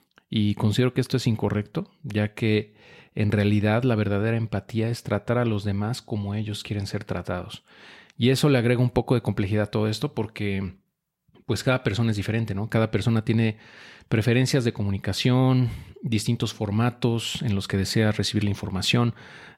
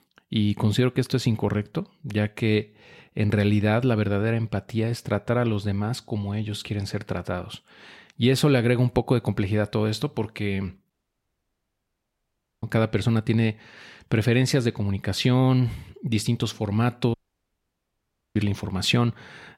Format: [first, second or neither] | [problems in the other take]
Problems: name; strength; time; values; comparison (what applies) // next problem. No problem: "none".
first | audio cutting out; at 11 s for 1.5 s and at 17 s for 1 s